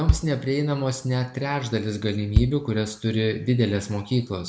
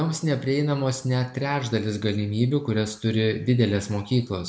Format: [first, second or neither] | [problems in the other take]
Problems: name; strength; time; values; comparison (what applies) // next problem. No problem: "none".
second | background sound (Bass drum); 5 dB below the speech